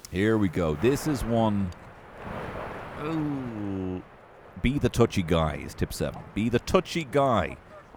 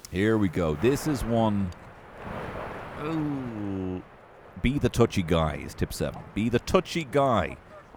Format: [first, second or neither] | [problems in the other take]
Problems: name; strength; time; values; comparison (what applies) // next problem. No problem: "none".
neither | wind noise on the microphone; occasional gusts; 15 dB below the speech; the same in both